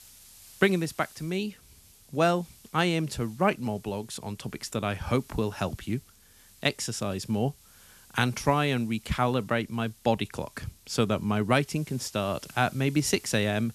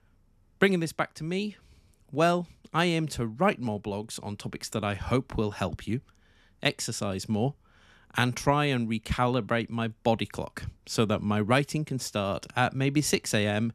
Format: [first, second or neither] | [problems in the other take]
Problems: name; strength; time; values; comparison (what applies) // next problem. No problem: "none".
second | hiss; faint; throughout; 25 dB below the speech